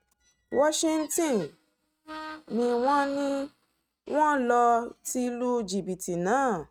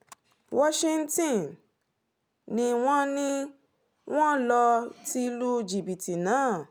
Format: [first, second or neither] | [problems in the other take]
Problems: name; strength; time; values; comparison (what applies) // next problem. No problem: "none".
second | noise reduction (neural mask model RNNoise)